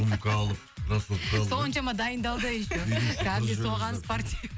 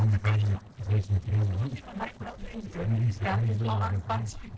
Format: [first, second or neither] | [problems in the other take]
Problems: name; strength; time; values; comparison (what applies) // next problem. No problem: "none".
first | noise reduction (neural separator model SepFormer DNS4)